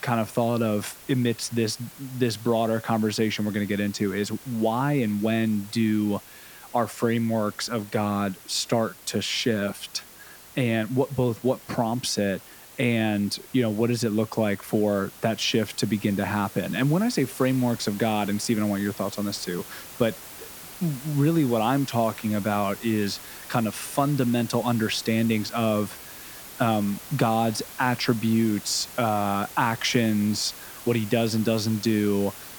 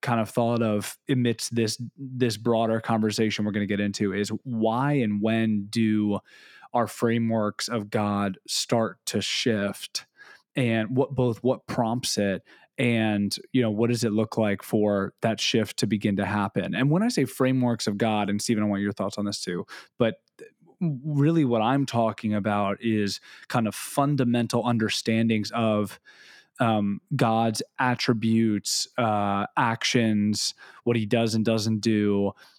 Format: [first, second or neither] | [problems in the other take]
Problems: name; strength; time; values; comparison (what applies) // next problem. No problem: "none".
second | hiss; noticeable; throughout; 15 dB below the speech